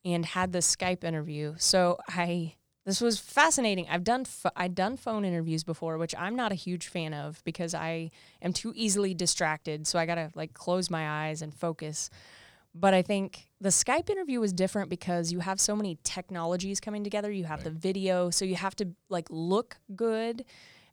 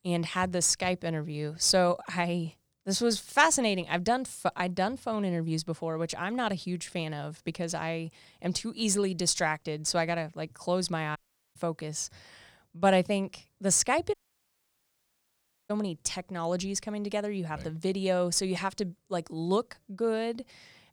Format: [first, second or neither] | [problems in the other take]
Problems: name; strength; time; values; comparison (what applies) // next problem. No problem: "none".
first | audio cutting out; at 11 s and at 14 s for 1.5 s